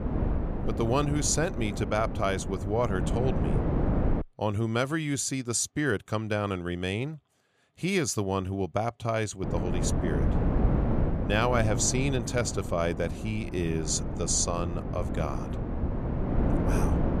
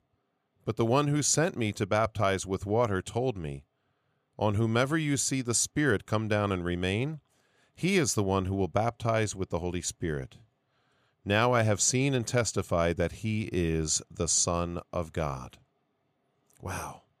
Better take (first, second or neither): second